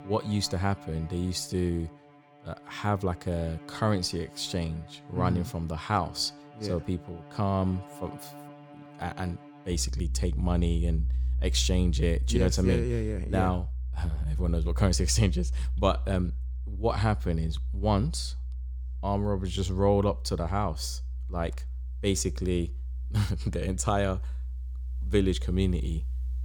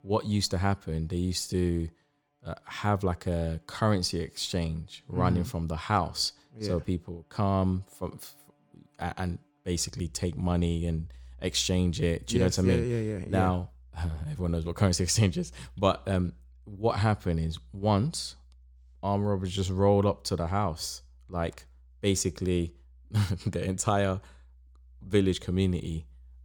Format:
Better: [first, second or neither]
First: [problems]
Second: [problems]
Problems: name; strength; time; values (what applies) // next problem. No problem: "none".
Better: second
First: background music; loud; throughout; 4 dB below the speech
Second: background music; faint; throughout; 25 dB below the speech